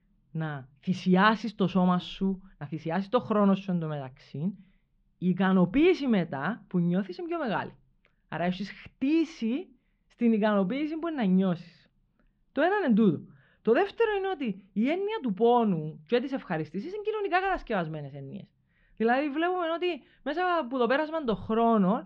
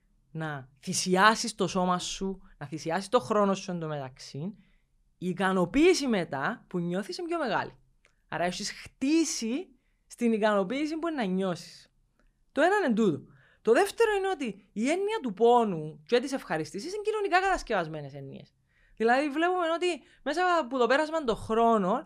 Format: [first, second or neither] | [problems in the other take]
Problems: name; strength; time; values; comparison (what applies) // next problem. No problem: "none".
second | muffled; slightly; fading above 3.5 kHz